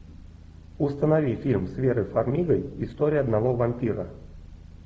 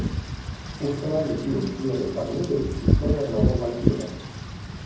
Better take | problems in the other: first | background sound (Wind / Rain); 1 dB above the speech // room echo; dies away in 1.2 s

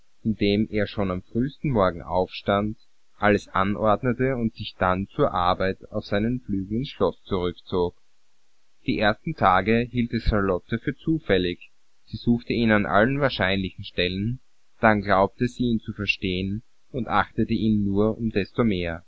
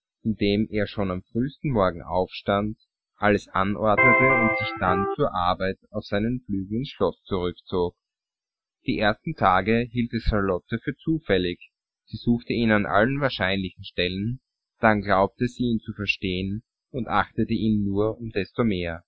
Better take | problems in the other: first | noise reduction (classical method Wiener filter)

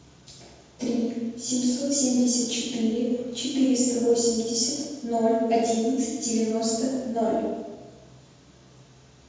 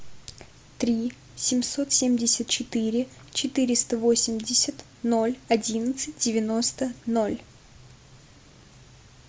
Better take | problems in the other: second | room echo; dies away in 1.2 s

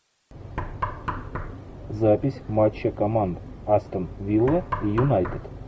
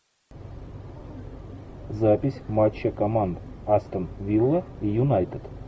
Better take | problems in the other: second | background sound (Knock); 7 dB below the speech

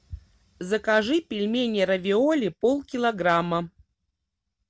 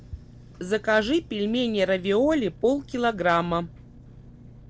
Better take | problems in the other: first | background sound (Engine); 20 dB below the speech

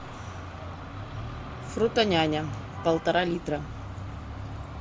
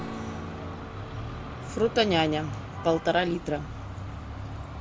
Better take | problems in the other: first | background sound (Strum); 16 dB below the speech

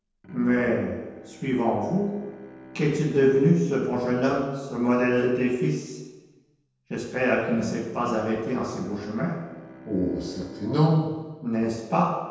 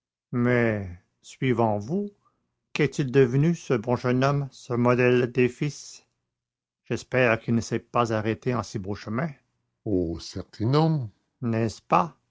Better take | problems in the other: second | background sound (Bowed string instrument); 20 dB below the speech // room echo; dies away in 1.2 s

